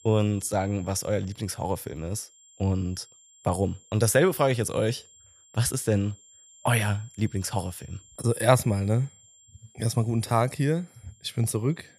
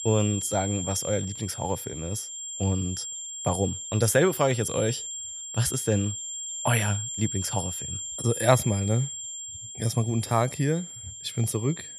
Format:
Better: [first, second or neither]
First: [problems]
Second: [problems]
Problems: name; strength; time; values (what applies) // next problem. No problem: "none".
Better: first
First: high-pitched whine; faint; throughout; 7.5 kHz, 25 dB below the speech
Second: high-pitched whine; loud; throughout; 7.5 kHz, 6 dB below the speech